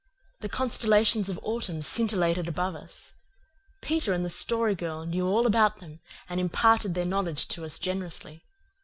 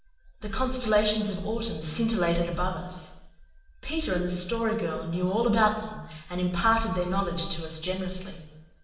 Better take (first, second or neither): first